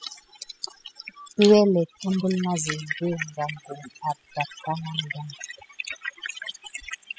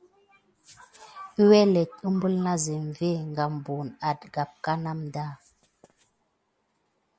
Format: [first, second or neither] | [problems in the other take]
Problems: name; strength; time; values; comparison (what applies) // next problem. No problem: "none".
second | noise reduction (classical method spectral subtraction)